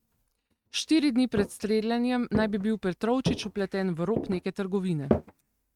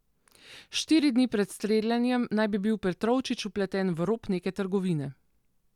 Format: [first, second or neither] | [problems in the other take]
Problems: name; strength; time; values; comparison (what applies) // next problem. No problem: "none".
second | noise reduction (neural mask model RNNoise)